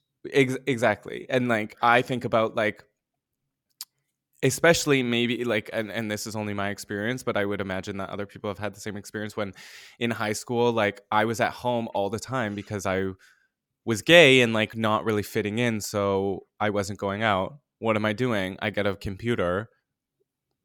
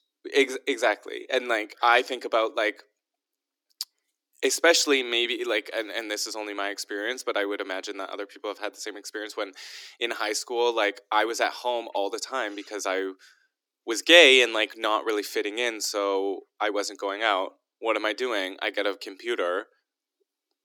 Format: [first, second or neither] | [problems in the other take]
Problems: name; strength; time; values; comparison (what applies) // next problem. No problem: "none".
first | thin; somewhat; fading below 300 Hz